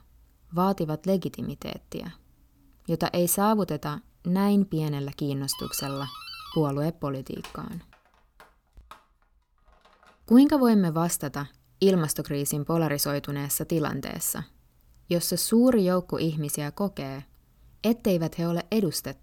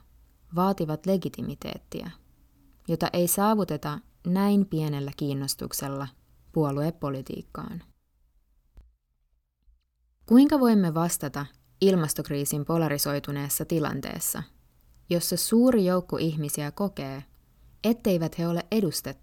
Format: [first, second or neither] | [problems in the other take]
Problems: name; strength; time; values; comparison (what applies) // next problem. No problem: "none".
second | doorbell; faint; from 5.5 to 10 s; peak 10 dB below the speech